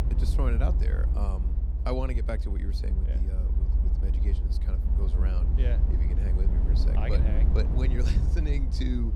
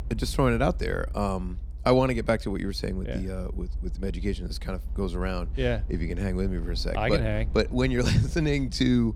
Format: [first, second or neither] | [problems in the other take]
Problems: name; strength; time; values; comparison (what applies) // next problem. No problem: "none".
second | low rumble; loud; throughout; 5 dB below the speech; faint in the second